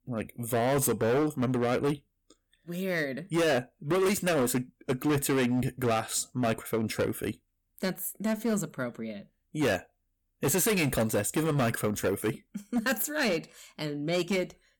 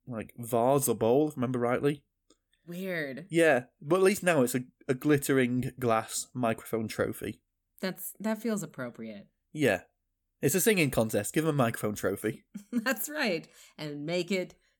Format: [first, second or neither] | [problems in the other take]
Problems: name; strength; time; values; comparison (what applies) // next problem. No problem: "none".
second | distortion; heavy; 12% of the sound clipped